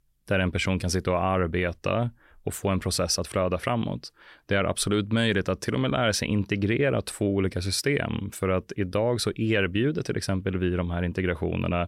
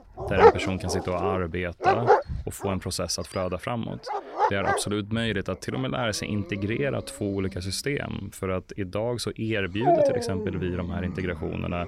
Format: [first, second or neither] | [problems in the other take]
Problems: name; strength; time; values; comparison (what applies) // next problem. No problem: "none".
first | animal sounds; very loud; throughout; 4 dB above the speech